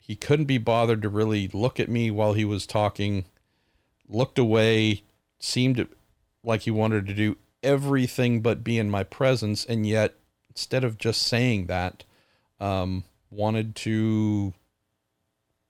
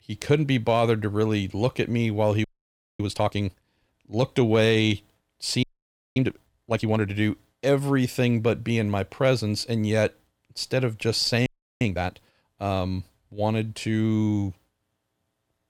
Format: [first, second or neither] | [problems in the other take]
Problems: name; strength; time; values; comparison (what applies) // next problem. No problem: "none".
first | audio freezing; at 2.5 s for 0.5 s, at 5.5 s for 0.5 s and at 11 s